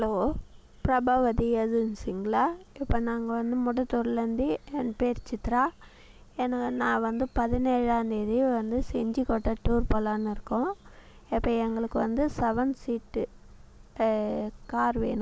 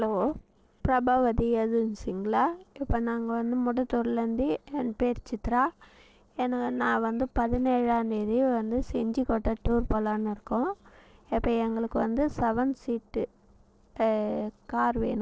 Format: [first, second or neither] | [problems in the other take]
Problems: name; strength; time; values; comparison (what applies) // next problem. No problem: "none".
first | noise reduction (neural separator model SepFormer DNS4)